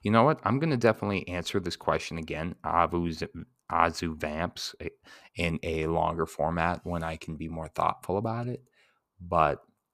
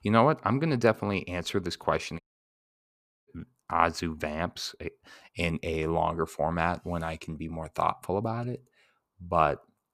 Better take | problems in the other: first | audio cutting out; at 2 s for 1 s

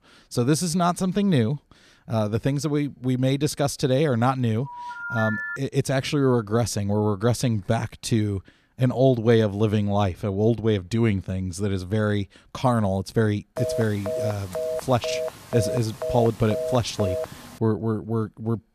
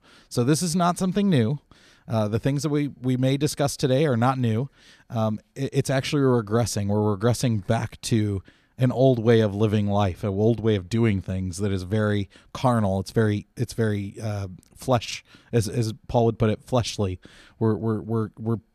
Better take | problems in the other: second | phone ringing; noticeable; at 4.5 s and from 14 to 18 s; peak 4 dB below the speech

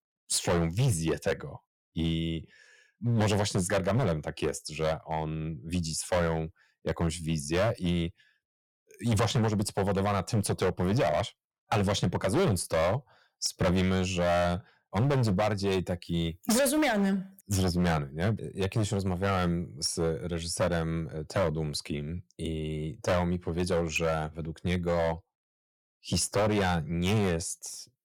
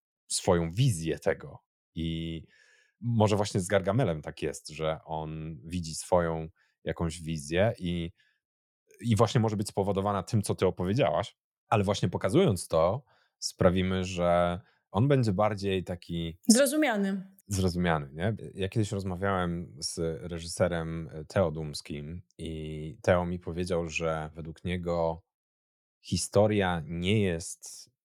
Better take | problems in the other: second | distortion; heavy; 11% of the sound clipped

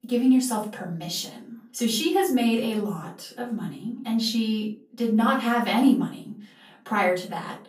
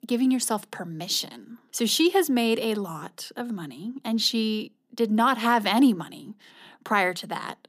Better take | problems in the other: second | off-mic speech; far // room echo; slight; dies away in 0.3 s

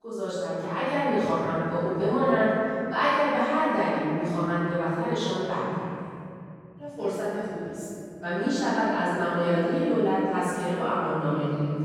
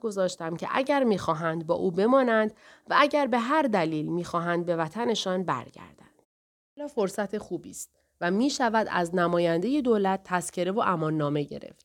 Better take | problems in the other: second | room echo; strong; dies away in 3 s // off-mic speech; far

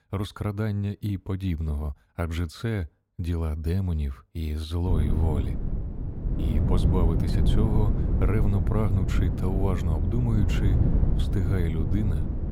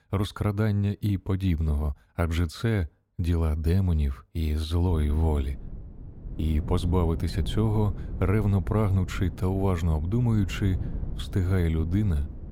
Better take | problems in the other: second | wind noise on the microphone; heavy; from 5 s on; 2 dB below the speech; occasional gusts in the second

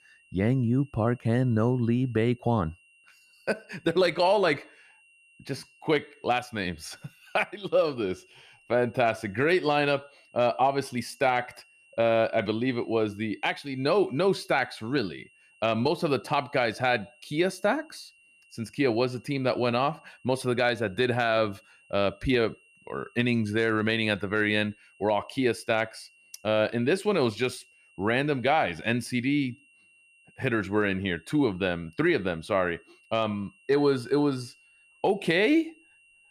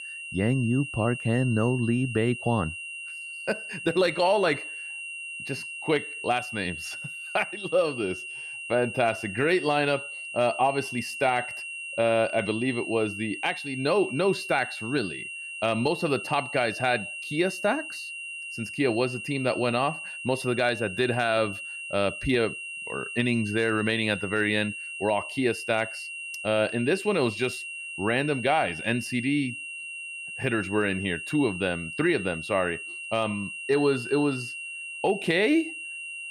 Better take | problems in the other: first | high-pitched whine; loud; throughout; 2.5 kHz, 8 dB below the speech; faint in the first

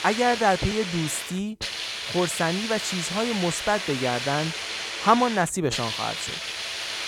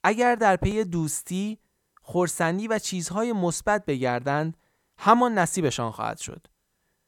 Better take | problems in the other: second | hiss; loud; throughout; 4 dB below the speech

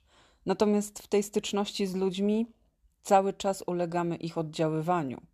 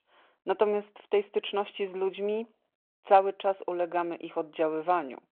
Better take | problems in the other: first | phone-call audio

